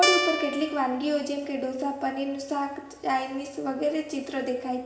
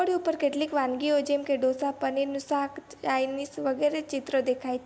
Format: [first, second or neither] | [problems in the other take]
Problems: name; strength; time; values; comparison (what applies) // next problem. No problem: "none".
second | background sound (Guitar); 1 dB above the speech // room echo; dies away in 0.8 s